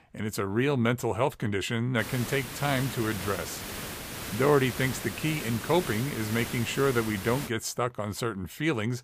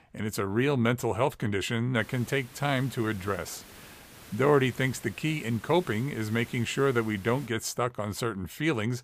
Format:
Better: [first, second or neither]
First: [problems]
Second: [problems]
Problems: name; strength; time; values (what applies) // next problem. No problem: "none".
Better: second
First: hiss; loud; from 2 to 7.5 s; 8 dB below the speech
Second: hiss; faint; from 2 to 7.5 s; 20 dB below the speech